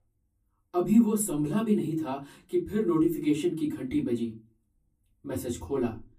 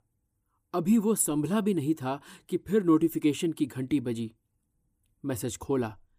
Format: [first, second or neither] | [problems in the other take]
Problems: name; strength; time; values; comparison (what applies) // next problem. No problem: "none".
second | off-mic speech; far // room echo; very slight; dies away in 0.2 s